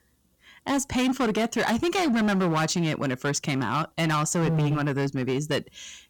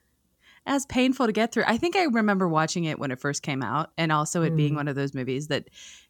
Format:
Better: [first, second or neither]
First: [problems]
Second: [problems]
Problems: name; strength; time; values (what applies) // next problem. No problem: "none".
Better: second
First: distortion; heavy; 19% of the sound clipped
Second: none